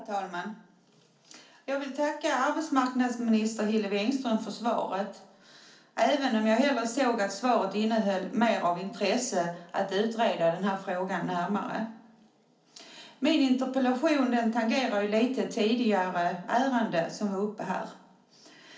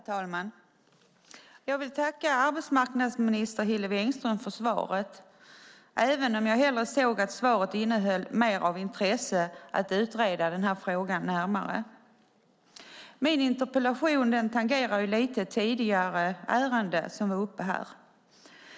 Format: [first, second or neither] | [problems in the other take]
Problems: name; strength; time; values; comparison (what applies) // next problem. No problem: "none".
second | room echo; dies away in 0.4 s